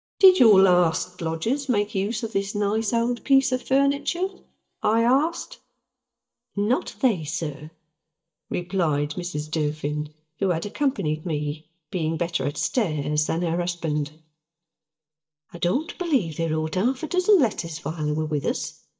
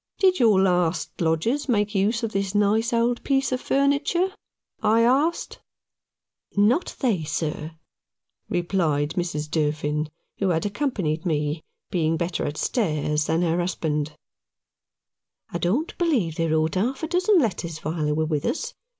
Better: second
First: noise reduction (neural mask model DeepFilterNet 3)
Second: none

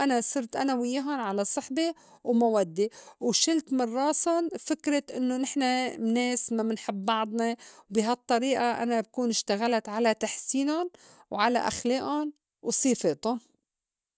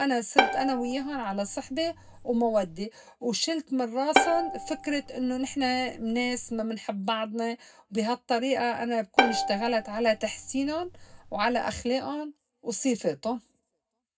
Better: first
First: none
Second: background sound (Bowed string instrument); 2 dB below the speech // room echo; dies away in 0.3 s

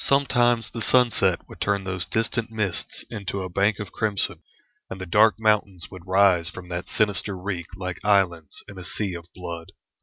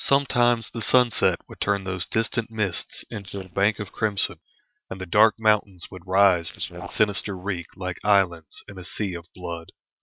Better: first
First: none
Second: noise reduction (neural separator model SepFormer WHAM!)

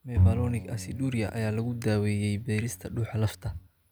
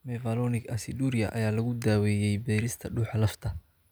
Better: second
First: background sound (Bowed string instrument); 2 dB below the speech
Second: none

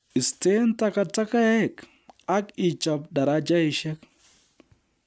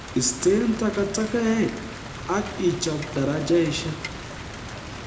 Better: first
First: none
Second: background sound (Rain); 11 dB below the speech // room echo; dies away in 0.6 s

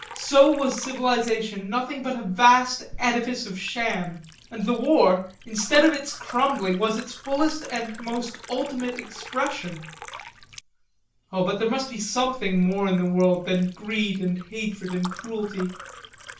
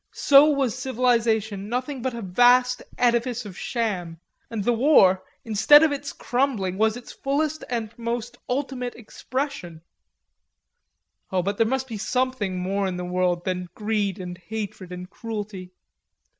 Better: second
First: background sound (Liquid); 19 dB below the speech // room echo; dies away in 0.3 s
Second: none

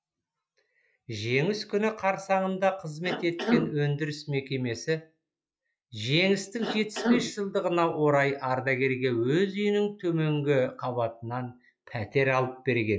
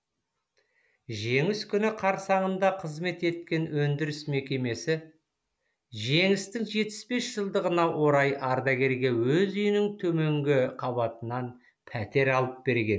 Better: second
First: noise reduction (classical method log-MMSE)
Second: none

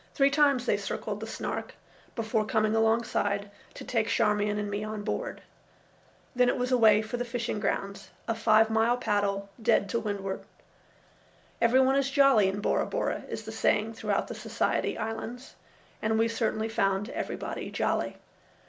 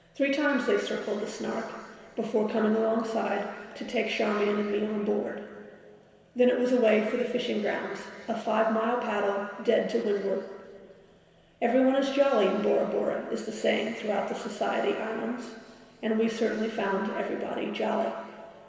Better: first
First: none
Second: room echo; dies away in 2.2 s

